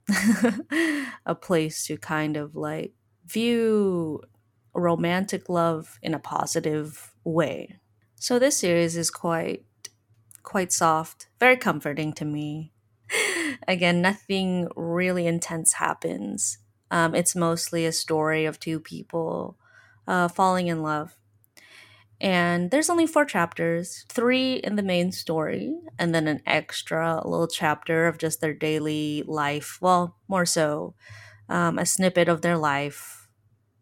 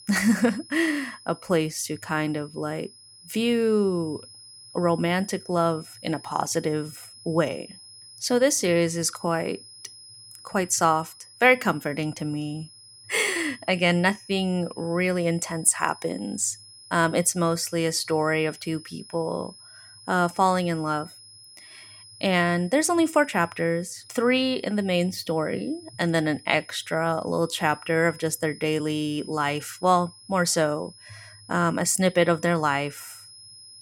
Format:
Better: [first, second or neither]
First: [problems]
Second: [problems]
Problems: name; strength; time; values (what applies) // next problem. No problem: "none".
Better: first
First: none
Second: high-pitched whine; faint; throughout; 5 kHz, 20 dB below the speech